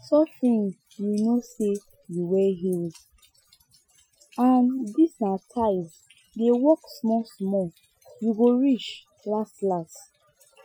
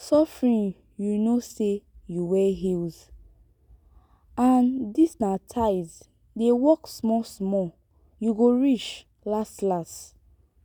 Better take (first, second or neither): second